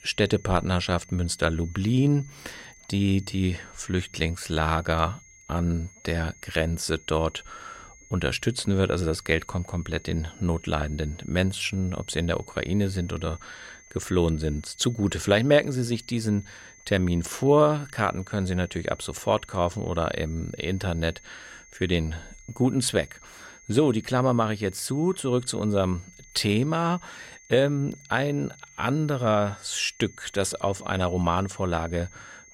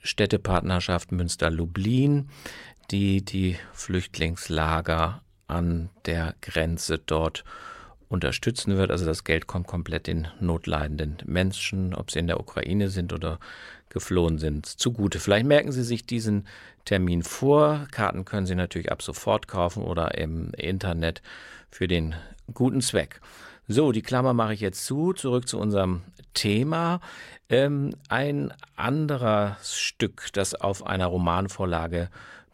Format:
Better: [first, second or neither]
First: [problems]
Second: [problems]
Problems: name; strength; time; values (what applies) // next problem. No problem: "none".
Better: second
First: high-pitched whine; faint; throughout; 6.5 kHz, 25 dB below the speech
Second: none